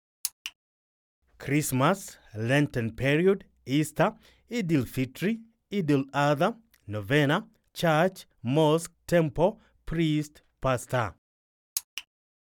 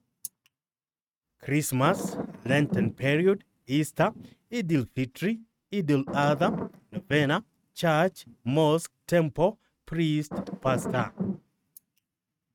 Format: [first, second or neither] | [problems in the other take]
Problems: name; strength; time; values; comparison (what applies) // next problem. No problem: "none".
first | noise reduction (neural mask model RNNoise)